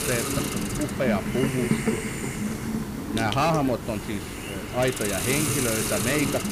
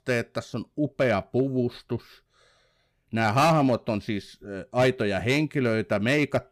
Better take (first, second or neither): second